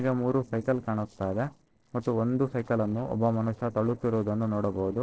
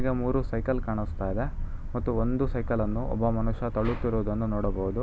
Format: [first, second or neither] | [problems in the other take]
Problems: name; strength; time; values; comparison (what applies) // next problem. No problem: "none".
second | noise reduction (neural separator model SepFormer DNS4)